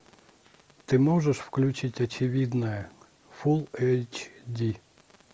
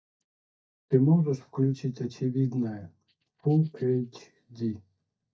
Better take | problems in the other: first | noise reduction (neural mask model DeepFilterNet 3)

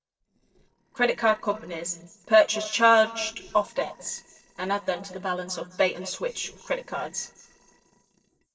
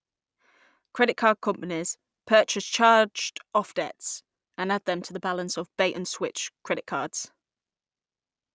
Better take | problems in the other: second | noise reduction (neural separator model SepFormer DNS4)

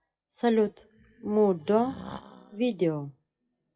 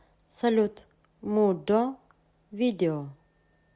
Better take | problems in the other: second | noise reduction (classical method WPE with log-MMSE)

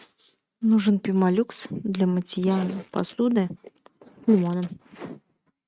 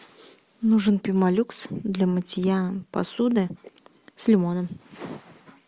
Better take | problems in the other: second | noise reduction (neural mask model RNNoise)

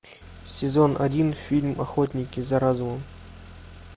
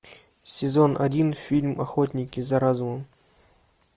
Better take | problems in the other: second | background sound (Car); 18 dB below the speech

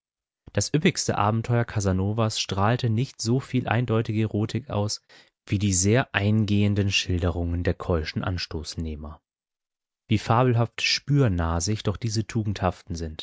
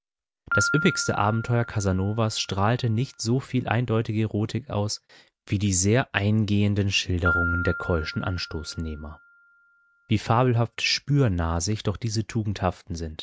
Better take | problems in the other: first | background sound (Piano); 11 dB below the speech

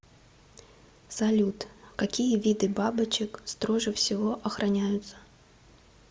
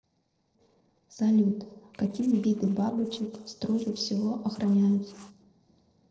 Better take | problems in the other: first | noise reduction (neural separator model SepFormer DNS4)

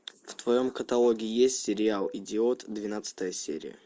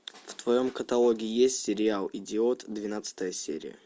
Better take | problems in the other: second | noise reduction (neural mask model Resemble Enhance denoiser)

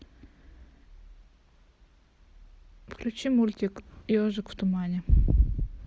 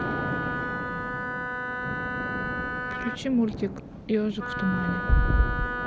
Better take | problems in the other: first | background sound (Thunder + Wind instrument, woodwind instrument); 2 dB below the speech

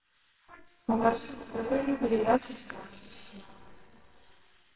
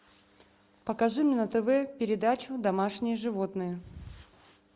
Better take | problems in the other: second | noise reduction (neural separator model SepFormer WHAMR!)

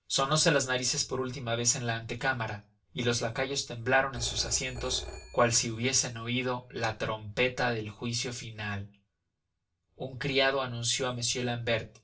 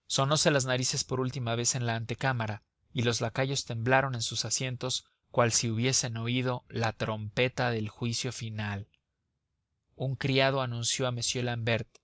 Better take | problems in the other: second | background sound (Telephone); 14 dB below the speech // room echo; dies away in 0.2 s

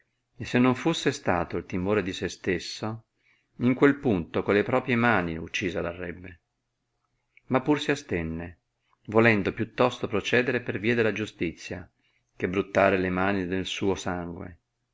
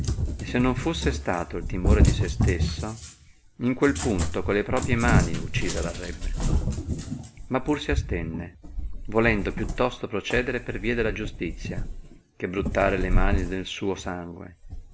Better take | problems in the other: first | background sound (Cat); 1 dB above the speech

